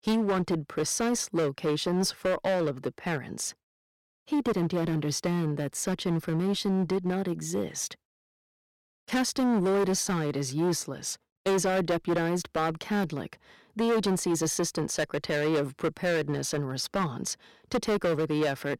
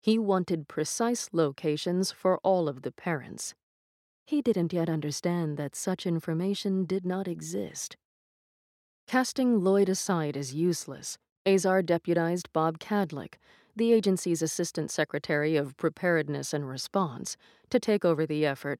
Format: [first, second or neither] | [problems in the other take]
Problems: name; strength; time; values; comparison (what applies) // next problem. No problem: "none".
second | distortion; heavy; 13% of the sound clipped